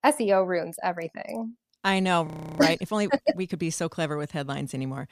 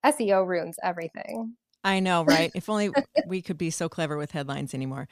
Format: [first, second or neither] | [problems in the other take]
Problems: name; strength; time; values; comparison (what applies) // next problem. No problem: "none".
second | audio freezing; at 2.5 s